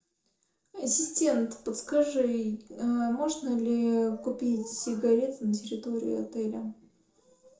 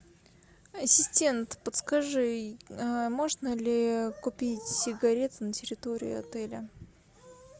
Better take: second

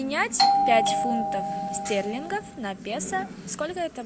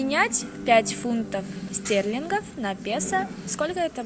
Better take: second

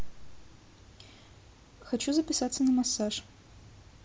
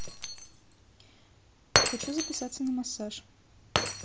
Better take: first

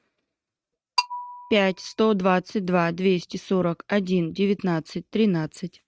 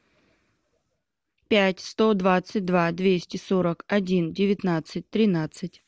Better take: second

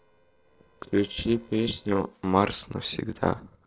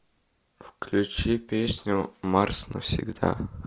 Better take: second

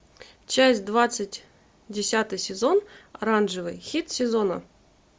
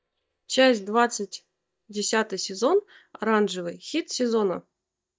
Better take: first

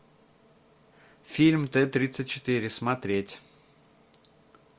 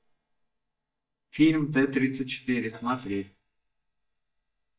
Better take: first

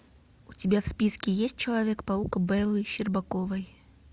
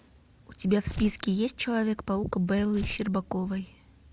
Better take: first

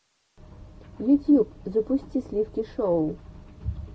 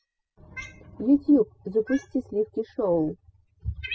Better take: first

